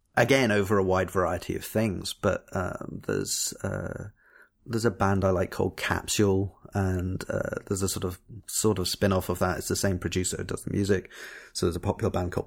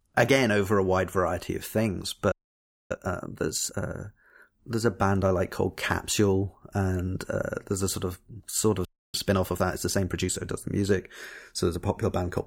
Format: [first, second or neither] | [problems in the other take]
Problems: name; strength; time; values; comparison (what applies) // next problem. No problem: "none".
first | audio freezing; at 2.5 s for 0.5 s and at 9 s